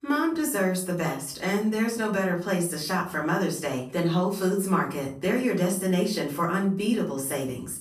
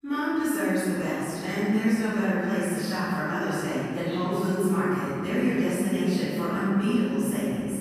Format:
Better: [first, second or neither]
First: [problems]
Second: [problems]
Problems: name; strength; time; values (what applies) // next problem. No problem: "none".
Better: first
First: room echo; slight; dies away in 0.4 s // off-mic speech; far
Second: room echo; strong; dies away in 3 s // off-mic speech; far